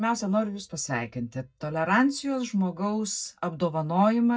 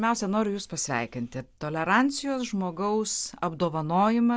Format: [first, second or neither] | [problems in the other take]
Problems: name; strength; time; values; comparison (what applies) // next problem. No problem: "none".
second | noise reduction (neural mask model DeepFilterNet 3)